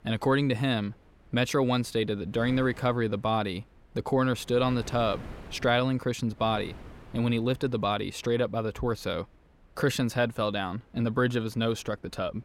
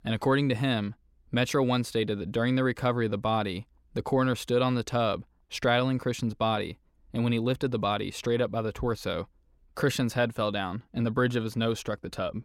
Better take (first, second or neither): second